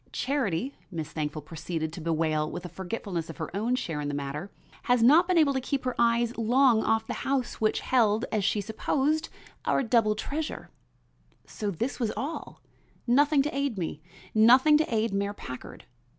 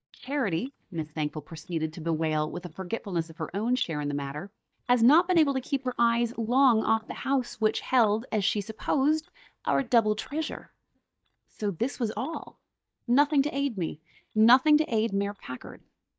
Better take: first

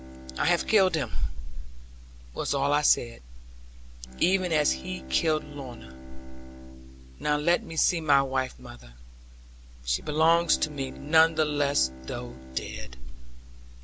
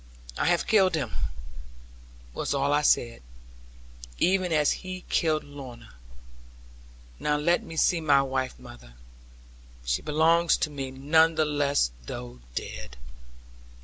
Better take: second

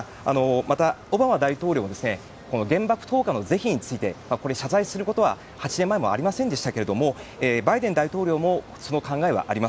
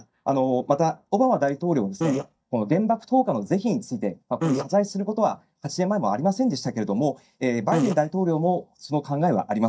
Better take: first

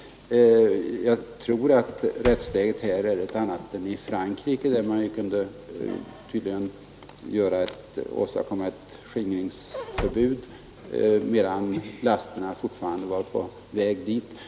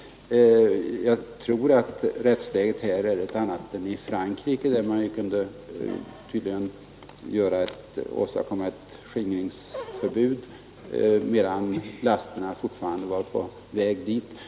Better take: second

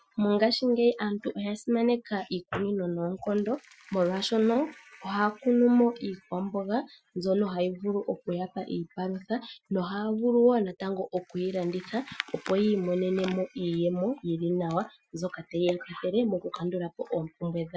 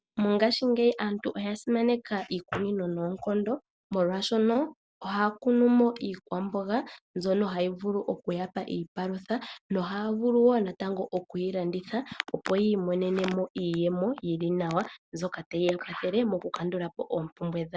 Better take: second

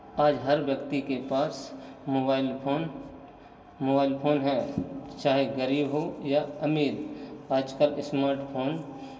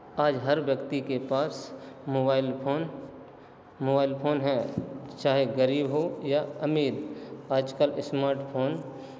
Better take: second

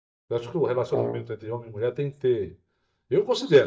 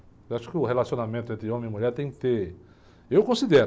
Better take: second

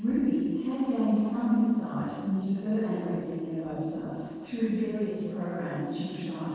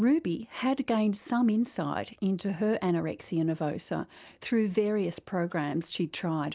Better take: second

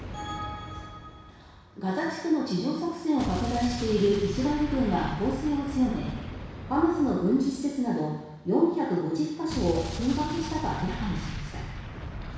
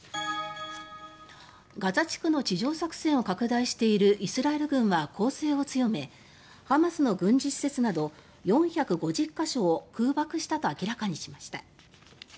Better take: second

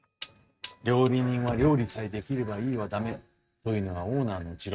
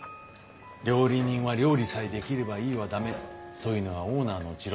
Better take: second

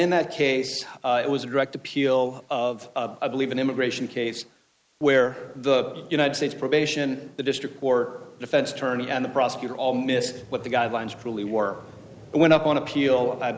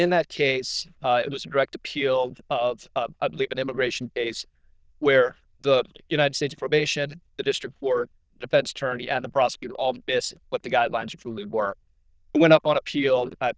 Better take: first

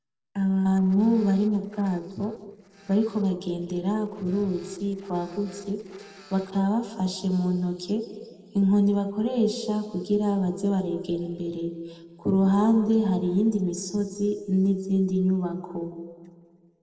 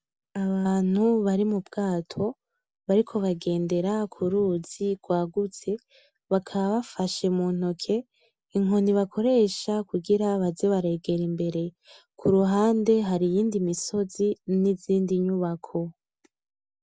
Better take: second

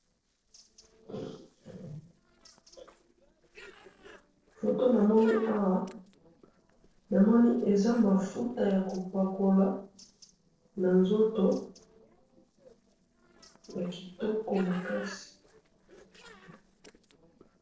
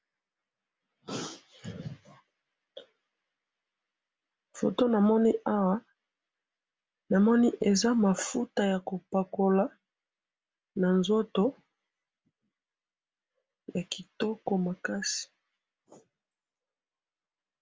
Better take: second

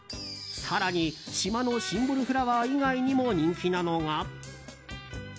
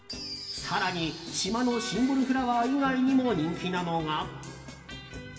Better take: first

